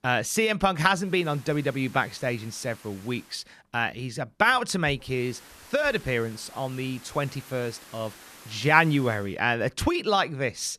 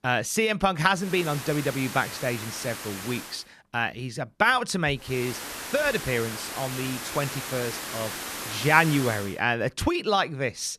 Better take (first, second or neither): first